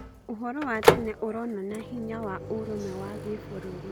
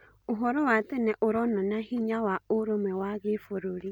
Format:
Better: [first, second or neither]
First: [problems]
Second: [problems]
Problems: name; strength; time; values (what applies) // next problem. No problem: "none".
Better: second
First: background sound (Microwave oven); 3 dB above the speech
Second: none